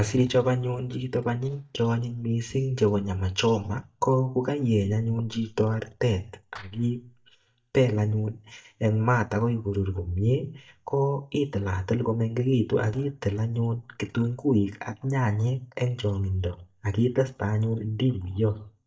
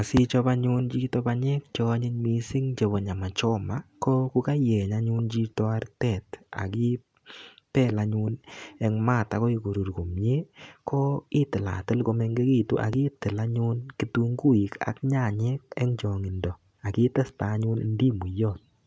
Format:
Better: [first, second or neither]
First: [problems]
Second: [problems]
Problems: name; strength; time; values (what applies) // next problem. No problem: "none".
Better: second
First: noise reduction (neural mask model DeepFilterNet 3)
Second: none